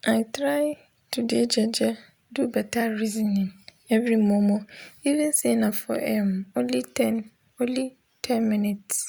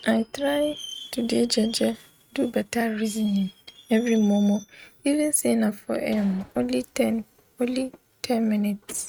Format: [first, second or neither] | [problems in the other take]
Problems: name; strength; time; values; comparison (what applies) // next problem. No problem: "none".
first | noise reduction (neural mask model RNNoise)